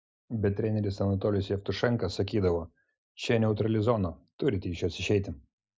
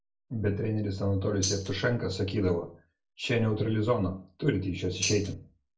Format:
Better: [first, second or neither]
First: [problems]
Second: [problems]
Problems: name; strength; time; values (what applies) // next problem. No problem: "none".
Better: first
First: none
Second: background sound (Tambourine); 4 dB below the speech // room echo; dies away in 0.3 s